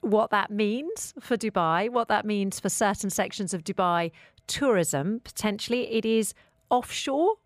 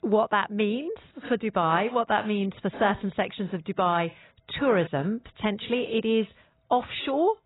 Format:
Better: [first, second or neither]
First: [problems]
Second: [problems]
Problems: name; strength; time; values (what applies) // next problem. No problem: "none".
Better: first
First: none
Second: garbled, watery; badly; nothing above 4 kHz